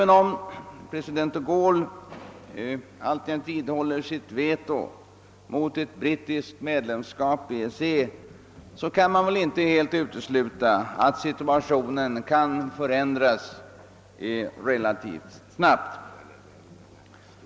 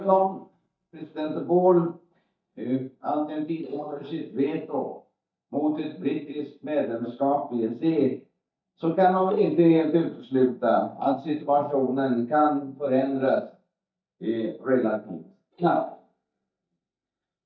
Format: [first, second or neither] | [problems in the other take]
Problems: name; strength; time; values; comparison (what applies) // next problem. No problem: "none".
first | noise reduction (neural mask model DeepFilterNet 3)